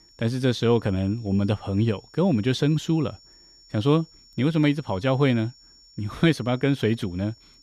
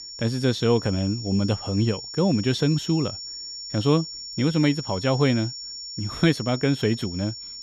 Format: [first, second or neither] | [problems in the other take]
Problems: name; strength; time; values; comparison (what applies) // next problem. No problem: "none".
first | high-pitched whine; loud; throughout; 5.5 kHz, 10 dB below the speech; faint in the first